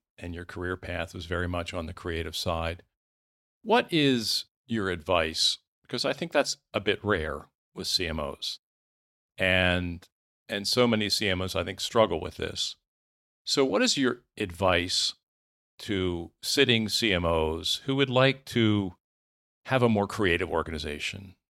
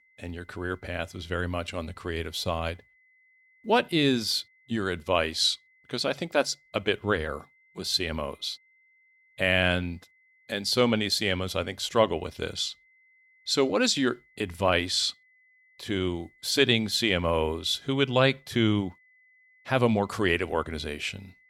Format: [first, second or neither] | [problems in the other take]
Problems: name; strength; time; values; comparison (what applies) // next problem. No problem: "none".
first | high-pitched whine; faint; throughout; 2 kHz, 35 dB below the speech